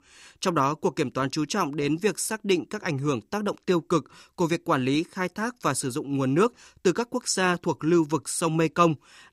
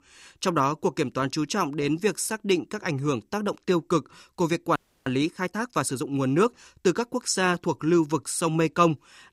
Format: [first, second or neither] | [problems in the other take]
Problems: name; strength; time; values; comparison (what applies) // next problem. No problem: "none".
first | audio freezing; at 5 s